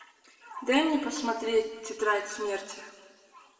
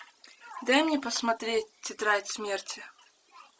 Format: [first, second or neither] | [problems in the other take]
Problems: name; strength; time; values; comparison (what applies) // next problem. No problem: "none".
second | room echo; dies away in 1.6 s